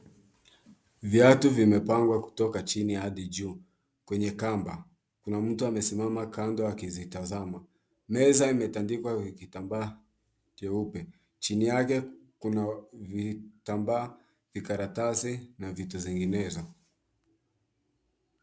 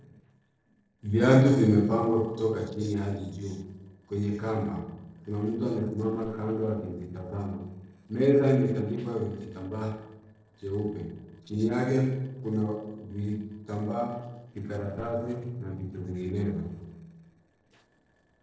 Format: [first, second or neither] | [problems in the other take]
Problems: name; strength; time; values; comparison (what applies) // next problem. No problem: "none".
first | noise reduction (neural separator model SepFormer DNS4)